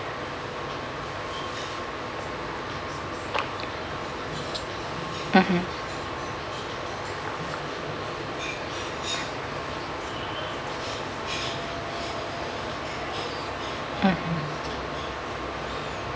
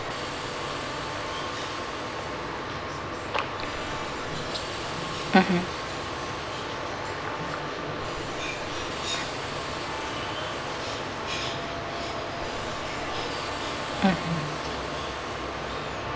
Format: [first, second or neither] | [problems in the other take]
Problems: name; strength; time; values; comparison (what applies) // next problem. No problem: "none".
first | background sound (Hiss + Trumpet); 10 dB below the speech